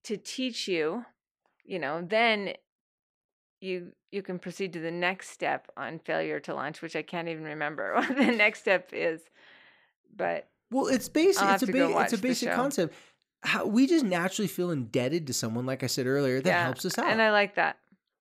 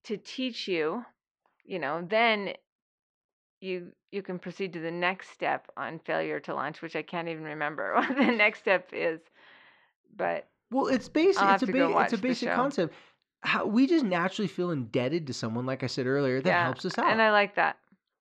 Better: first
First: none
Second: muffled; very slightly; fading above 4.5 kHz

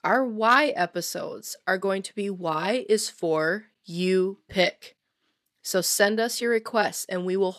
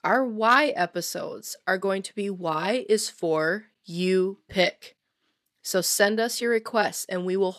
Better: neither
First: none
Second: none

